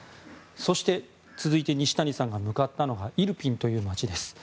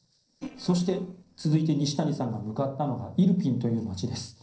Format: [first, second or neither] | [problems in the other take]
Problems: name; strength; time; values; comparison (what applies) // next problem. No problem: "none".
first | noise reduction (neural separator model SepFormer DNS4)